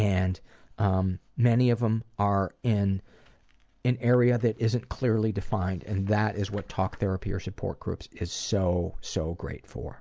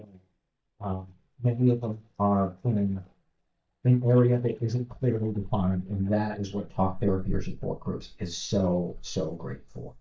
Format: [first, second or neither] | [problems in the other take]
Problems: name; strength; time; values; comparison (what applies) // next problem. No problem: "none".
first | noise reduction (neural mask model DeepFilterNet 3)